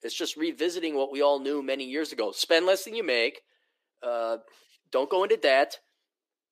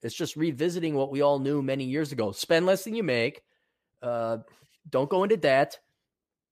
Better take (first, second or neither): second